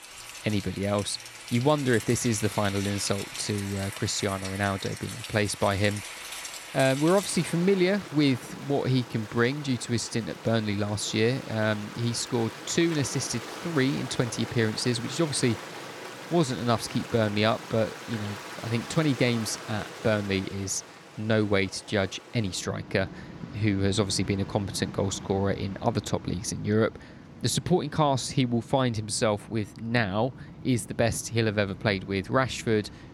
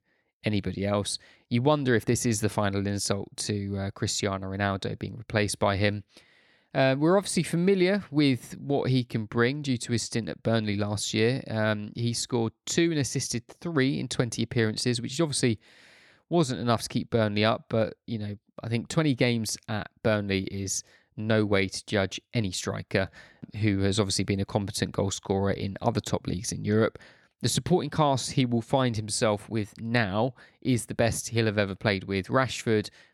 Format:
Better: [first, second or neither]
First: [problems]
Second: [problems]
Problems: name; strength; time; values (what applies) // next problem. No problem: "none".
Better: second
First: rain or running water; noticeable; throughout; 15 dB below the speech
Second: none